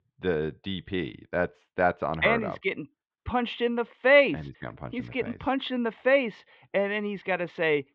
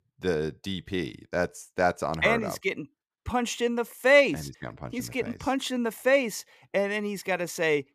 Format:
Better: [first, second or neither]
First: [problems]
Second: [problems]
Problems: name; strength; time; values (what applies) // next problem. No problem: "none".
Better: second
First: muffled; very; fading above 3.5 kHz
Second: none